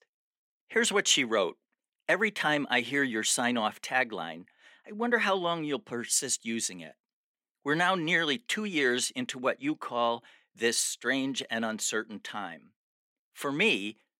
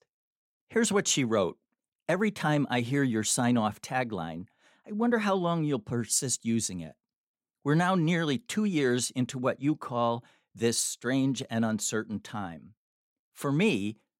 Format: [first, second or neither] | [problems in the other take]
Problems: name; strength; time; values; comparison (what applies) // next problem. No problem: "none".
second | thin; somewhat; fading below 300 Hz